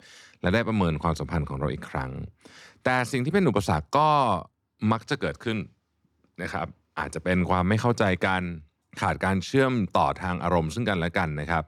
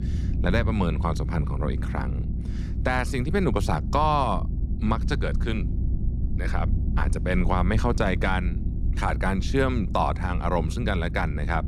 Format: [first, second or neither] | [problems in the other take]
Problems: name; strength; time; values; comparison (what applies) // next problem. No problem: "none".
first | low rumble; noticeable; throughout; 15 dB below the speech